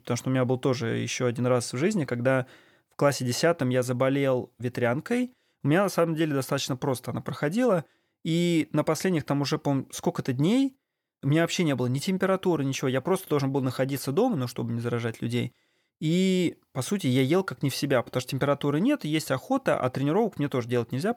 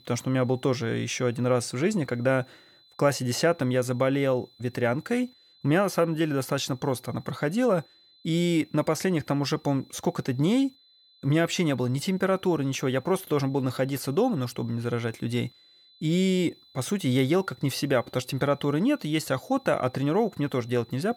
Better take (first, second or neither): first